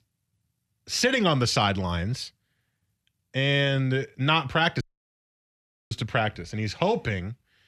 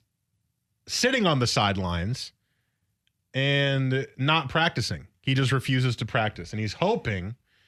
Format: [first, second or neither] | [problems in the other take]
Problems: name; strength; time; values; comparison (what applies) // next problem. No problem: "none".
second | audio cutting out; at 5 s for 1 s